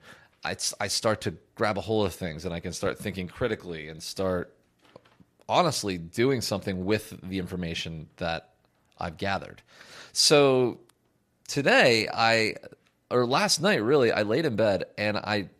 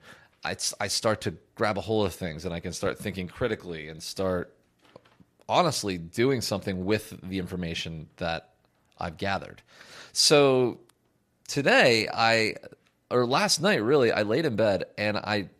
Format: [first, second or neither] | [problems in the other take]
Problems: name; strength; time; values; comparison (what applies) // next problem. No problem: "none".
neither | none